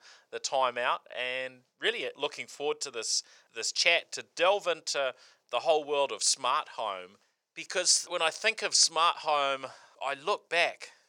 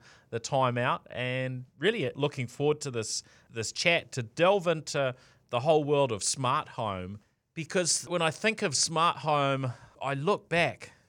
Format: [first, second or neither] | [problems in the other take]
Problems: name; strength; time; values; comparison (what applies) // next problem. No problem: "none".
second | thin; very; fading below 600 Hz